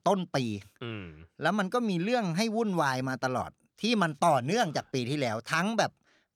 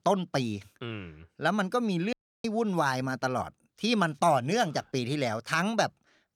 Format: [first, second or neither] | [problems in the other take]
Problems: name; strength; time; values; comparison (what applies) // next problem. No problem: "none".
first | audio cutting out; at 2 s